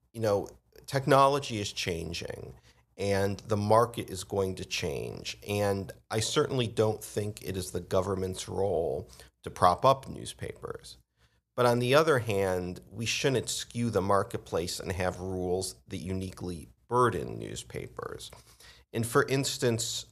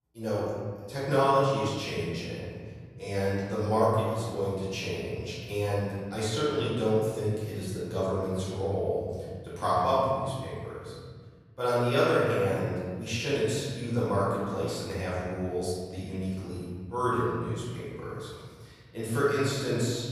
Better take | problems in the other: first | room echo; strong; dies away in 2.1 s // off-mic speech; far

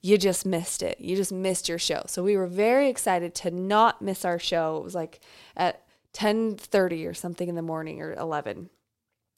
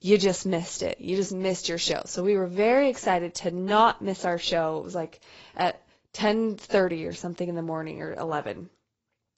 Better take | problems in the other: first | garbled, watery; badly; nothing above 7.5 kHz

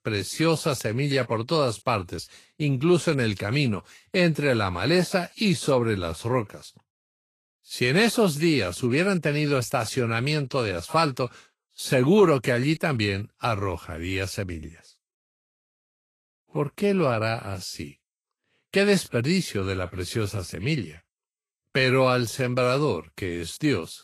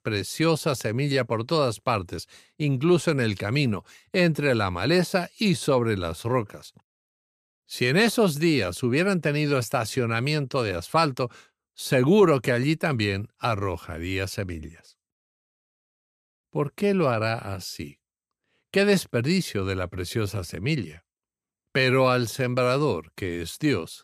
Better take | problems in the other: second | garbled, watery; slightly; nothing above 12.5 kHz

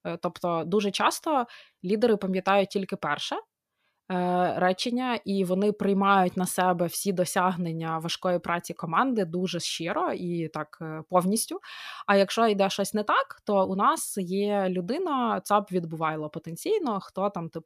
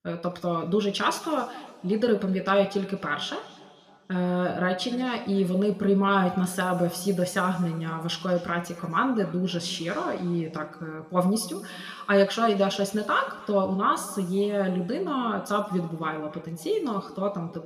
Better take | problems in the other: first | room echo; slight; dies away in 1.7 s

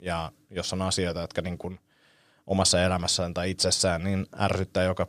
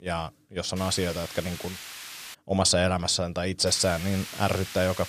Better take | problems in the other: first | hiss; noticeable; from 1 to 2.5 s and from 3.5 s on; 10 dB below the speech

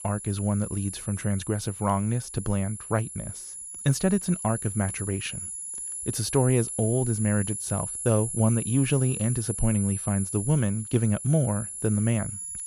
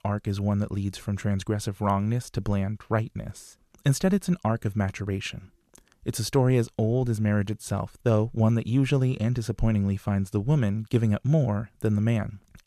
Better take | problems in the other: second | high-pitched whine; loud; throughout; 10.5 kHz, 6 dB below the speech

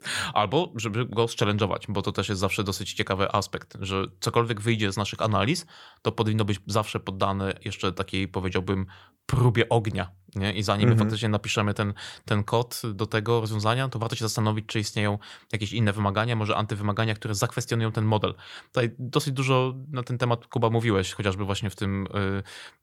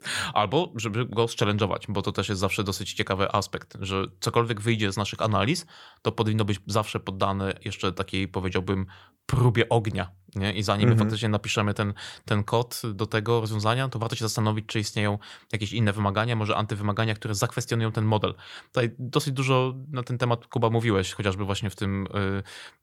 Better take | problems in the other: neither | none

